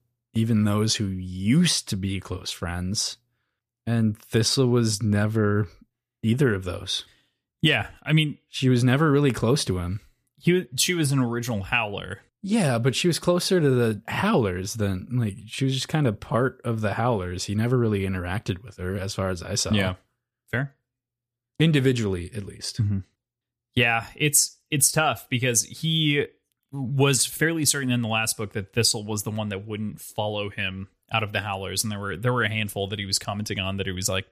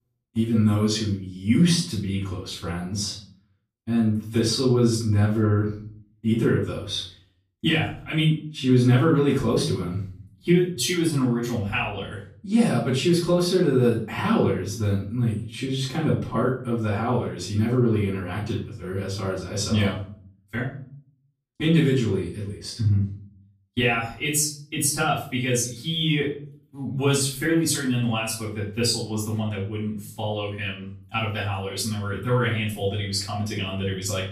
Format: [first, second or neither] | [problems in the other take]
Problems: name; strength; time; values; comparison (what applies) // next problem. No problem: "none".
first | room echo; noticeable; dies away in 0.4 s // off-mic speech; far